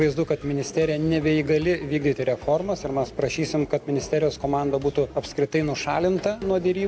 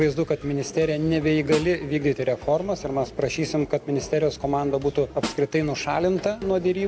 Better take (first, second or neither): first